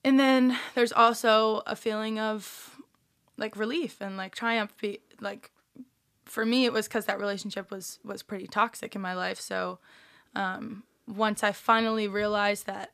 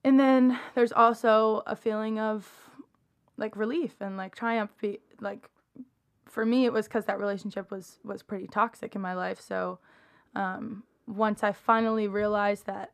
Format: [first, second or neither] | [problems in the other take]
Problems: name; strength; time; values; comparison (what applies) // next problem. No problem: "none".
first | muffled; slightly; fading above 2 kHz